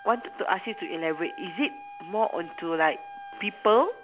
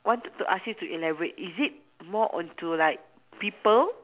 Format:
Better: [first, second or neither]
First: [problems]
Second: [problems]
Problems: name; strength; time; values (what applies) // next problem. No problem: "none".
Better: second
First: background sound (Wind instrument, woodwind instrument); 16 dB below the speech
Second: none